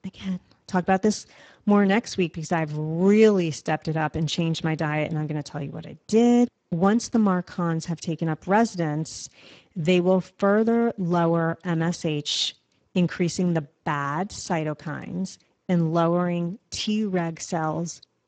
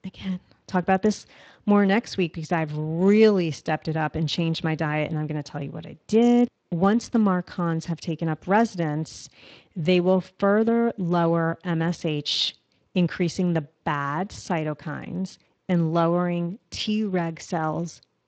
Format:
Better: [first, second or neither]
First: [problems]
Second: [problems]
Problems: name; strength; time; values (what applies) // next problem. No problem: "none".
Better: second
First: garbled, watery; badly; nothing above 7.5 kHz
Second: garbled, watery; slightly; nothing above 7.5 kHz